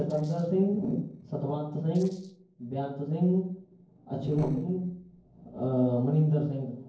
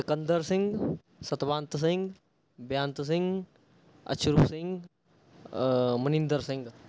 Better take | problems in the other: second | noise reduction (neural separator model SepFormer DNS4)

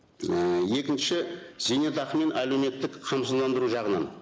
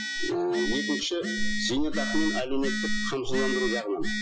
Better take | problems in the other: first | noise reduction (classical method Wiener filter)

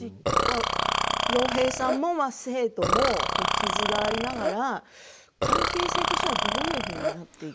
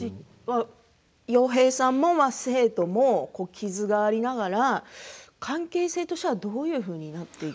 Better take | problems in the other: second | background sound (Burping, eructation); 3 dB above the speech

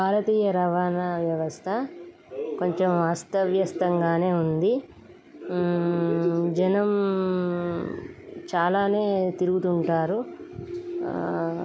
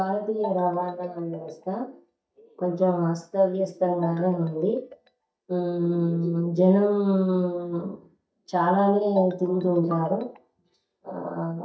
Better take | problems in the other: first | noise reduction (neural mask model DeepFilterNet 3)

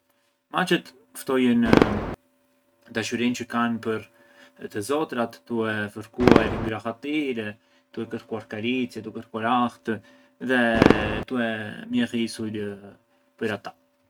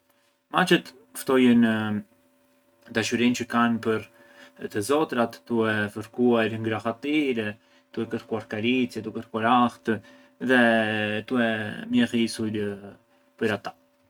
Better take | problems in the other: second | background sound (Fireworks); 2 dB below the speech

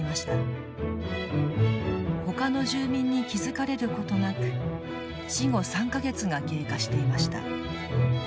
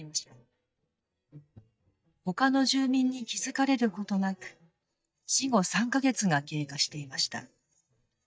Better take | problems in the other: first | noise reduction (neural mask model DeepFilterNet 3)

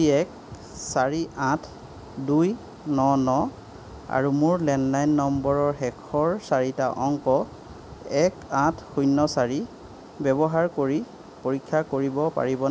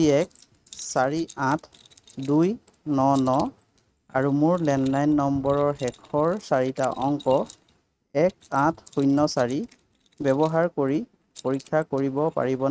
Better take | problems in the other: first | noise reduction (neural mask model RNNoise)

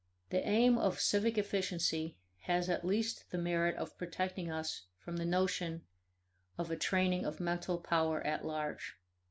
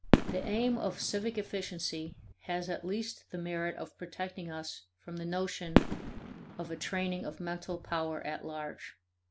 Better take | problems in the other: first | background sound (Fireworks); 3 dB above the speech

